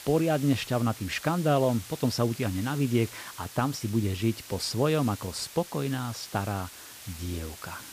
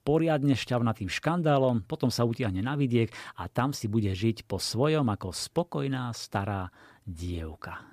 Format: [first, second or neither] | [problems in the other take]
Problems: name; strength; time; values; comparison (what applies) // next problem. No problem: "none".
second | hiss; noticeable; throughout; 15 dB below the speech